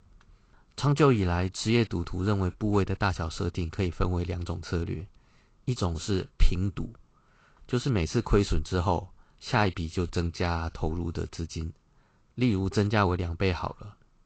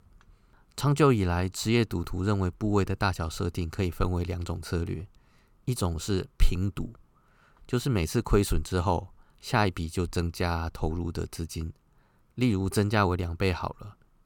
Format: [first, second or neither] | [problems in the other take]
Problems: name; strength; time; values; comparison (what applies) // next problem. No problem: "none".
second | garbled, watery; slightly; nothing above 8 kHz